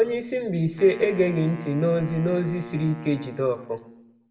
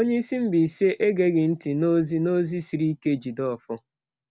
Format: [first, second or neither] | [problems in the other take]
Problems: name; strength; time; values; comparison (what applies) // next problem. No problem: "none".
second | background sound (Wind instrument, woodwind instrument); 18 dB below the speech // room echo; dies away in 0.6 s